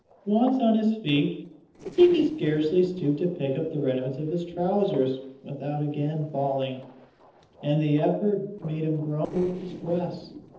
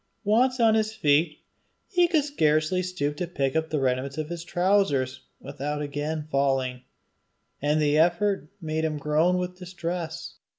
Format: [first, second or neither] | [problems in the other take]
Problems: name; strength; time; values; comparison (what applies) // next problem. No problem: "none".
second | noise reduction (neural separator model SepFormer DNS4)